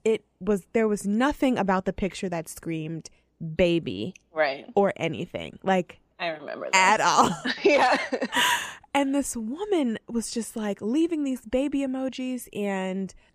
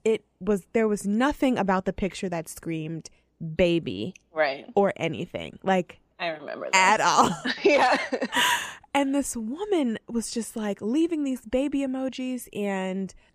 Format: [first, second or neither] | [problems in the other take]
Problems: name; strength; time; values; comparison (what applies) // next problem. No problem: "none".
neither | none